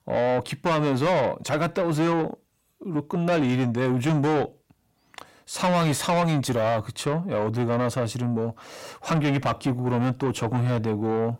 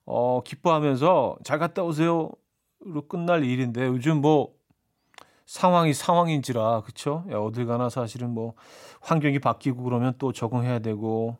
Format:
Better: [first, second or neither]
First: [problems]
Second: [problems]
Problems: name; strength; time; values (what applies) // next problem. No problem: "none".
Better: second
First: distortion; heavy; 7 dB below the speech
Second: none